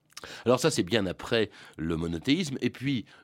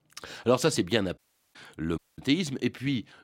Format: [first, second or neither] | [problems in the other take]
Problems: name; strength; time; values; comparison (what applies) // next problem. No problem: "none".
first | audio cutting out; at 1 s and at 2 s